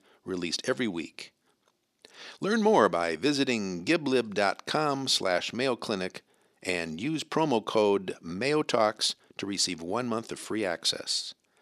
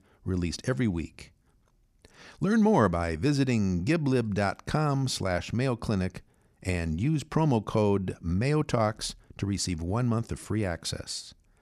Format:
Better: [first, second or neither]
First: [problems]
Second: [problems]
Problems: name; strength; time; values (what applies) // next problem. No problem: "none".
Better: second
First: thin; somewhat; fading below 350 Hz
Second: none